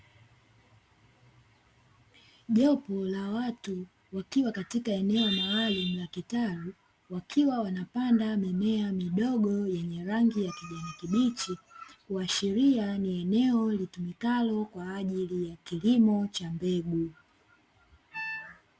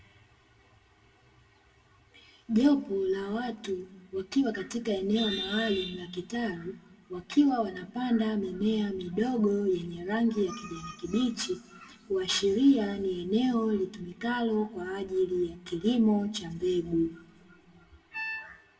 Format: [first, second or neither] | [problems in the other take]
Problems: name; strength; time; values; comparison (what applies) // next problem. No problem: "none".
first | room echo; dies away in 1.5 s